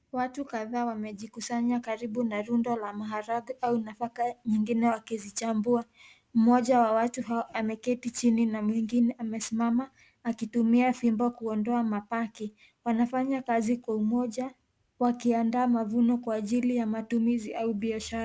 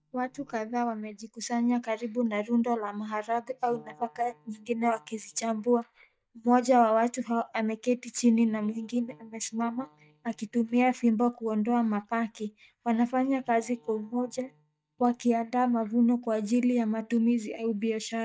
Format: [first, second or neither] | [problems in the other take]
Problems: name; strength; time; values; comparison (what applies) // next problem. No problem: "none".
first | noise reduction (neural mask model DeepFilterNet 3)